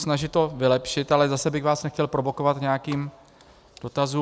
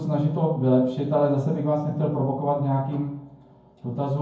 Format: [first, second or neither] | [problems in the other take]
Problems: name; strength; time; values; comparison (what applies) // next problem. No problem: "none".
first | room echo; dies away in 0.9 s